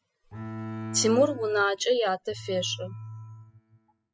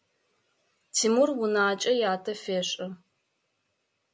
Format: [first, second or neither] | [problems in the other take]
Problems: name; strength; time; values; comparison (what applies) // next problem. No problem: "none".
second | noise reduction (classical method spectral subtraction)